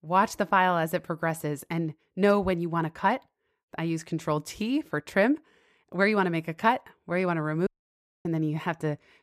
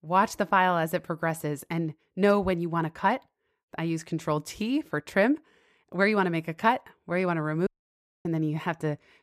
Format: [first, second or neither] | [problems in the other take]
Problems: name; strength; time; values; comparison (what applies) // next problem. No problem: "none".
neither | audio cutting out; at 7.5 s for 0.5 s; the same in both